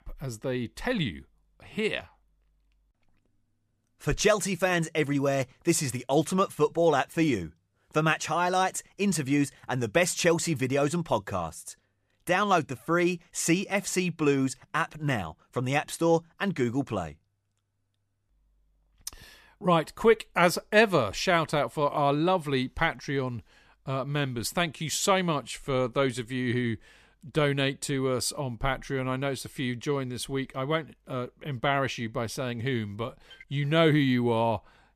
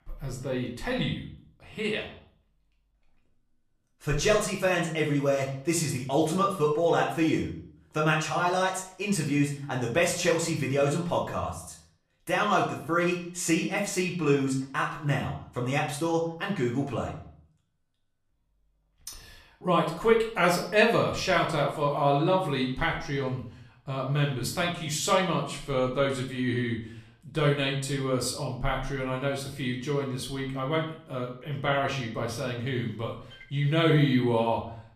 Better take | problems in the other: first | room echo; slight; dies away in 0.5 s // off-mic speech; far

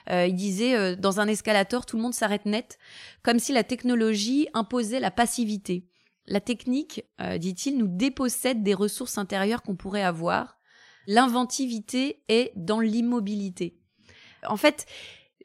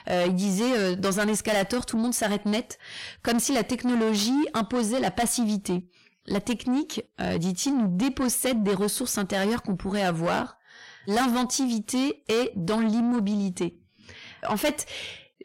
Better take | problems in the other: first | distortion; heavy; 7 dB below the speech

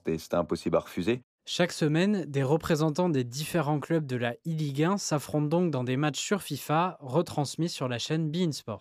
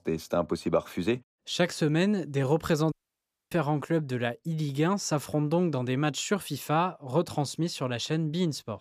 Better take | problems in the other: first | audio cutting out; at 3 s for 0.5 s

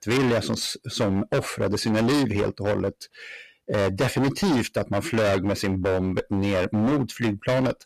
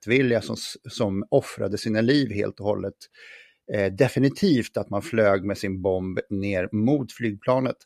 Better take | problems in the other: second | distortion; heavy; 23% of the sound clipped

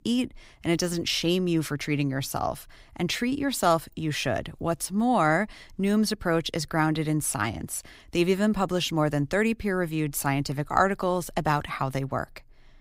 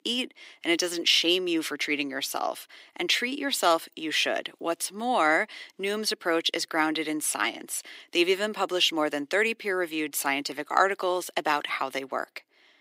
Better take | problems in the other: first | thin; somewhat; fading below 350 Hz

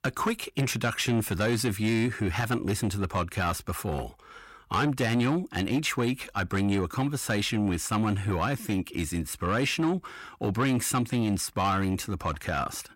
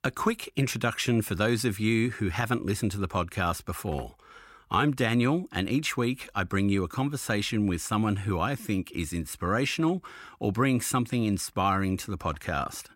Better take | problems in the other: second | distortion; slight; 10 dB below the speech

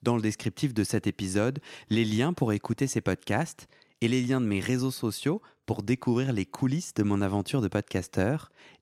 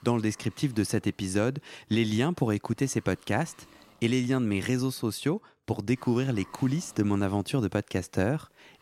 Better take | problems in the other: first | hiss; faint; until 4.5 s and from 6 s on; 25 dB below the speech

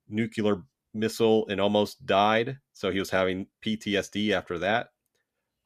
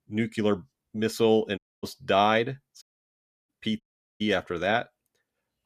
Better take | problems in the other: first | audio cutting out; at 1.5 s, at 3 s for 0.5 s and at 4 s

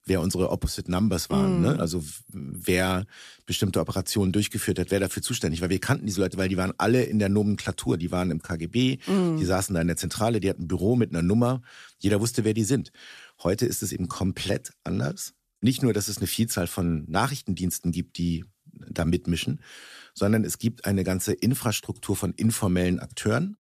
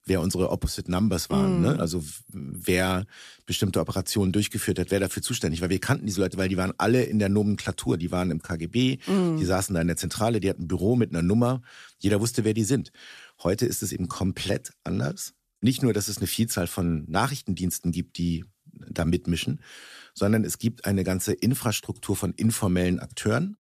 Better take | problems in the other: neither | none

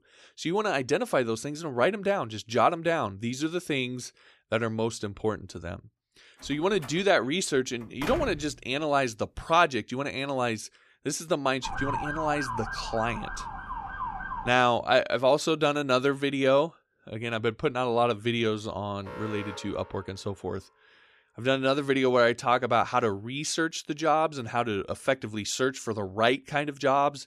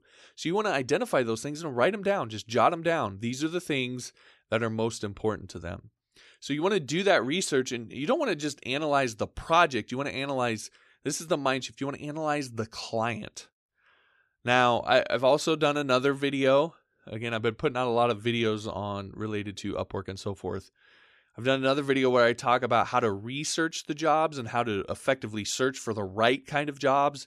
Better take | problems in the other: second | door banging; noticeable; from 6.5 to 8.5 s; peak 8 dB below the speech // siren; noticeable; from 12 to 14 s; peak 4 dB below the speech // alarm; faint; from 19 to 20 s; peak 10 dB below the speech

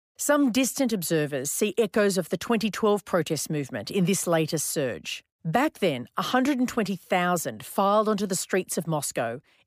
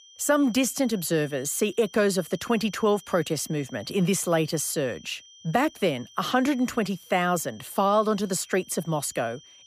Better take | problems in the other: first | high-pitched whine; faint; throughout; 3 kHz, 25 dB below the speech

